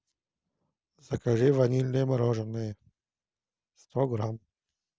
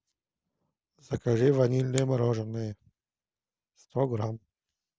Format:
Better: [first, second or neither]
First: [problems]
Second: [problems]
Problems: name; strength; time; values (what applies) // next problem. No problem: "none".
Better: first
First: none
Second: background sound (Finger snapping); 18 dB below the speech